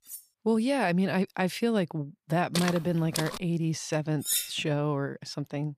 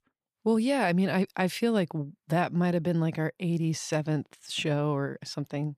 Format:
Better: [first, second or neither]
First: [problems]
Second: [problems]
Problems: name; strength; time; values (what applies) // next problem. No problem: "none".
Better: second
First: clattering dishes; faint; at the start; peak 15 dB below the speech // footsteps; noticeable; at 2.5 s; peak 4 dB below the speech // clattering dishes; loud; at 4 s; peak 1 dB above the speech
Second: none